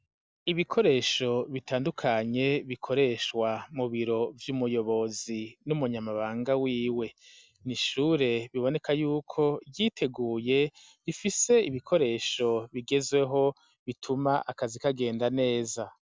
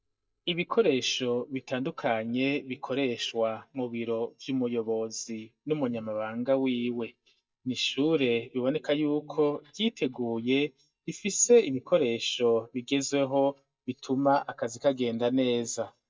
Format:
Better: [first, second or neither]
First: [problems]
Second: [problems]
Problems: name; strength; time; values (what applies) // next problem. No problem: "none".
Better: first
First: none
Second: noise reduction (neural mask model DeepFilterNet 3)